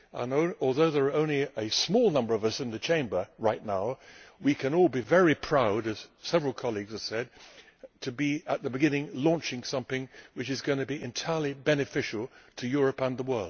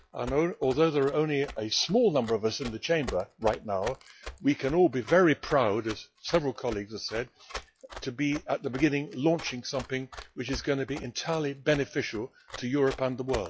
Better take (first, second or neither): first